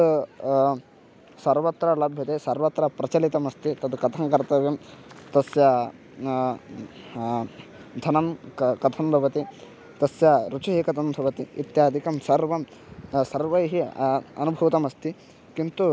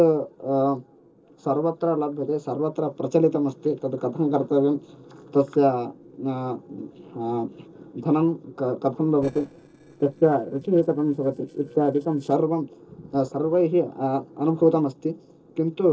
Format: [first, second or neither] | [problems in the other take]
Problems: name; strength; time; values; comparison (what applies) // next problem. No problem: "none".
first | noise reduction (neural separator model SepFormer DNS4)